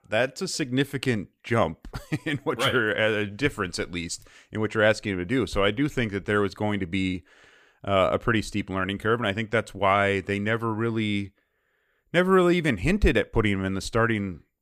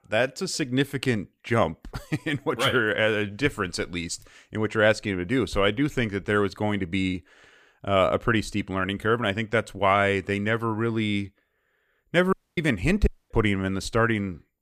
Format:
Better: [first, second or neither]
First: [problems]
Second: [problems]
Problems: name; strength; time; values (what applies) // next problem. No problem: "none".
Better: first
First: none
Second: audio cutting out; at 12 s and at 13 s